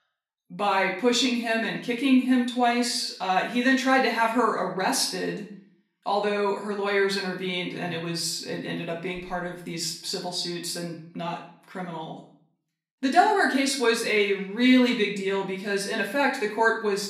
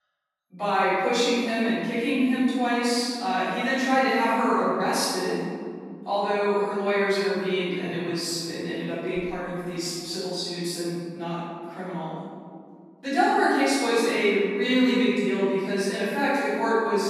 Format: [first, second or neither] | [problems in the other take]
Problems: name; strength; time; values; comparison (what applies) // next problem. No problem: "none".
first | room echo; strong; dies away in 2.1 s; slight in the first // off-mic speech; far; far in the first